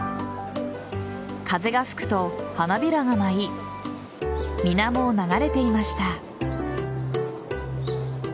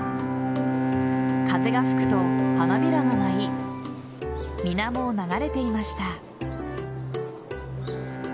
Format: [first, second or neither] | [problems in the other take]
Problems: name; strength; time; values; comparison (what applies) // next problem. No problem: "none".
first | background sound (Bowed string instrument); 2 dB above the speech